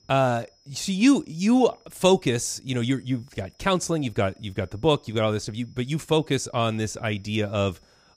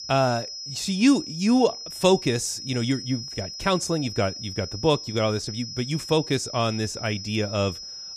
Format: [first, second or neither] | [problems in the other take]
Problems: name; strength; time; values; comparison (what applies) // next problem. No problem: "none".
first | high-pitched whine; loud; throughout; 5 kHz, 9 dB below the speech; faint in the first